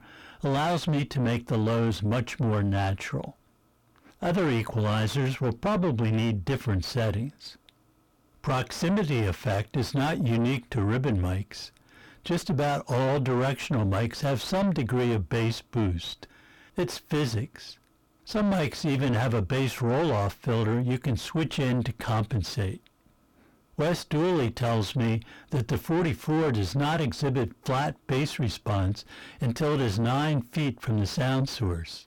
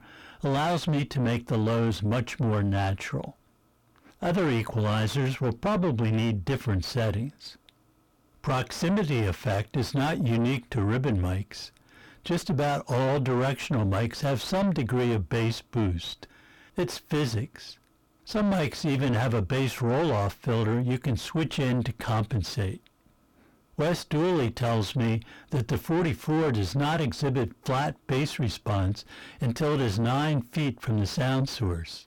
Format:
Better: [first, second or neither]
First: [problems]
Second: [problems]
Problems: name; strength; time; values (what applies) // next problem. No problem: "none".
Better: neither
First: distortion; heavy; 5 dB below the speech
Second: distortion; heavy; 5 dB below the speech